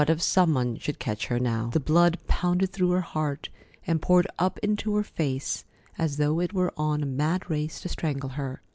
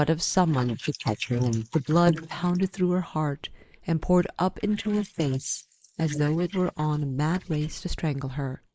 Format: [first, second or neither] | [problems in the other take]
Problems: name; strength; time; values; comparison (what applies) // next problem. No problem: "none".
first | noise reduction (neural mask model Resemble Enhance denoiser)